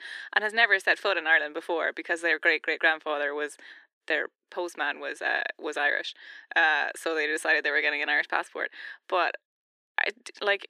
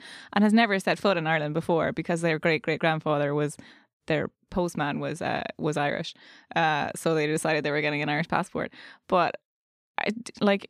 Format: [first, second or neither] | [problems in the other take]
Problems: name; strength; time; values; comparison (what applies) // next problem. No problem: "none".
second | thin; very; fading below 350 Hz